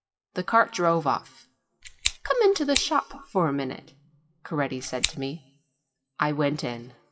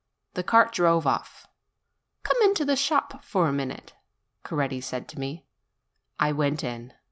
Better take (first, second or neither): second